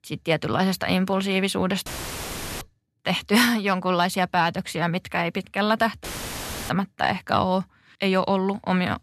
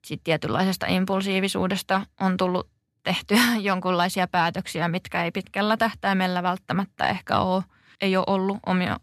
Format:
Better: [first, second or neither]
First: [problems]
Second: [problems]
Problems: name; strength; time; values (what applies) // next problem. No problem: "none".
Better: second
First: audio cutting out; filled with static; at 2 s for 0.5 s and at 6 s for 0.5 s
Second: none